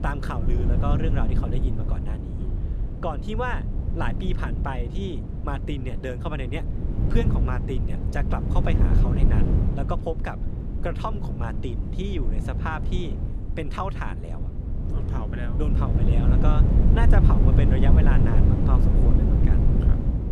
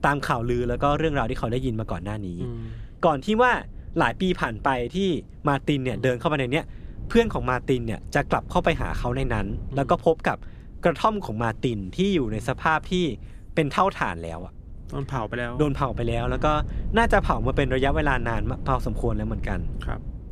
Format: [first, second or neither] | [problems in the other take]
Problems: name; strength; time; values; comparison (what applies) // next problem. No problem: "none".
second | wind noise on the microphone; heavy; 3 dB below the speech; occasional gusts in the second